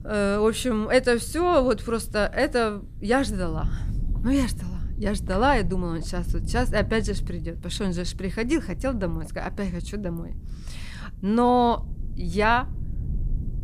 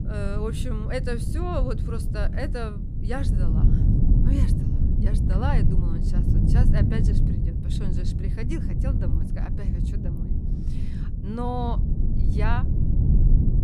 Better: first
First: low rumble; faint; throughout; 25 dB below the speech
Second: low rumble; loud; throughout; 3 dB below the speech

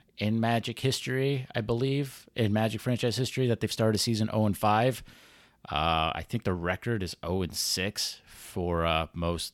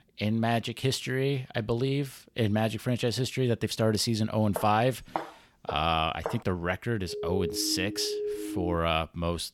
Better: first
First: none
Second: footsteps; noticeable; from 4.5 to 6.5 s; peak 8 dB below the speech // siren; noticeable; from 7 to 9 s; peak 4 dB below the speech

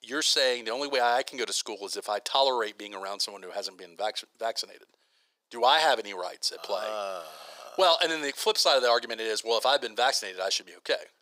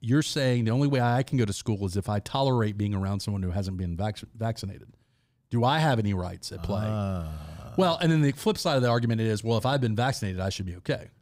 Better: second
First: thin; very; fading below 450 Hz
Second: none

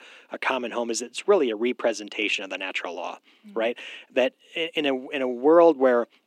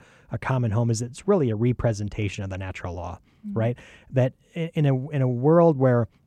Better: second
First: thin; somewhat; fading below 250 Hz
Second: none

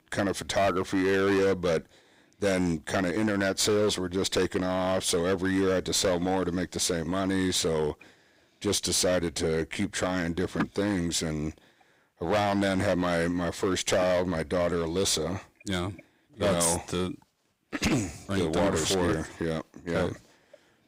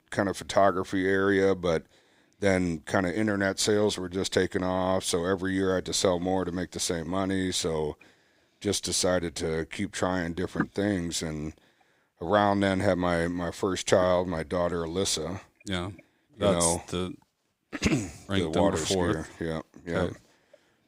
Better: second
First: distortion; heavy; 8% of the sound clipped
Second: none

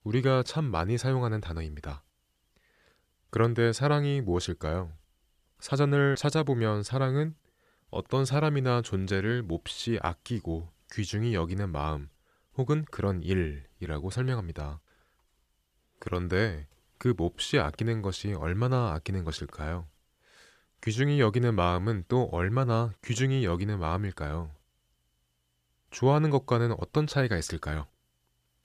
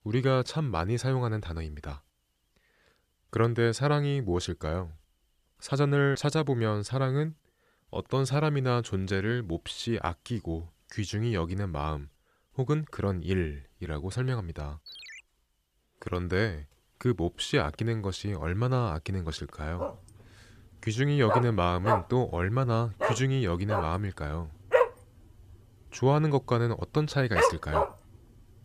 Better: first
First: none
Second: phone ringing; faint; at 15 s; peak 15 dB below the speech // dog barking; loud; from 20 to 28 s; peak 4 dB above the speech

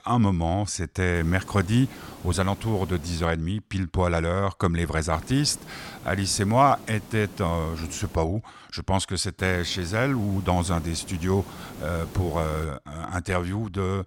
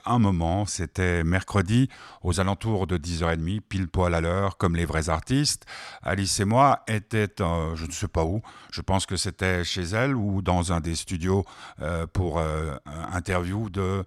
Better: second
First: hiss; noticeable; from 1 to 3.5 s, from 5 to 8 s and from 9.5 to 13 s; 15 dB below the speech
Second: none

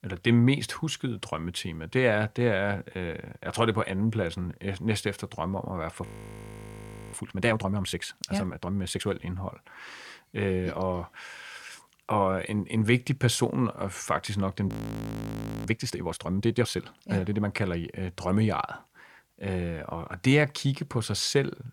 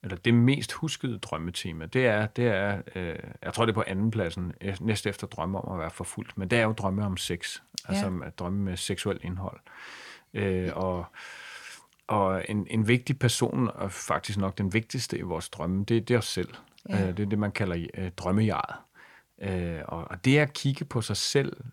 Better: second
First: audio freezing; at 6 s for 1 s and at 15 s for 1 s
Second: none

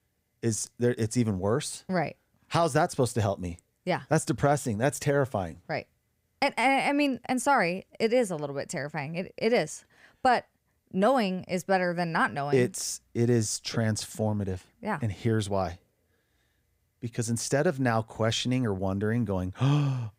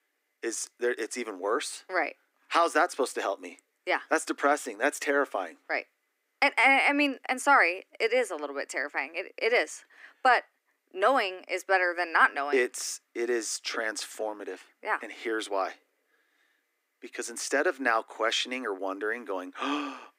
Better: first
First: none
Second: thin; somewhat; fading below 250 Hz

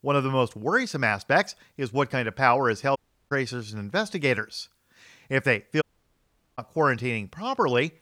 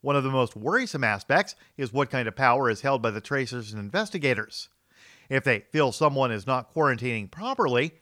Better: second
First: audio cutting out; at 3 s and at 6 s for 1 s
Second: none

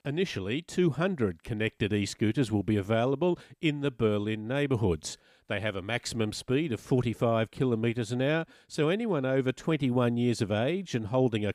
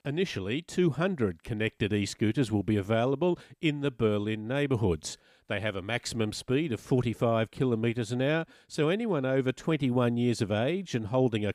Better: neither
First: none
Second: none

